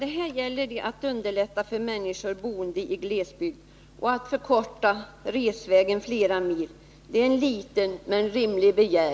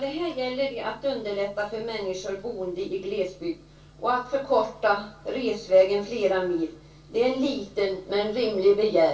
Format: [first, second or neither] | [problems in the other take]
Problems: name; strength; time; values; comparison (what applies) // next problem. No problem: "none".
first | room echo; dies away in 0.2 s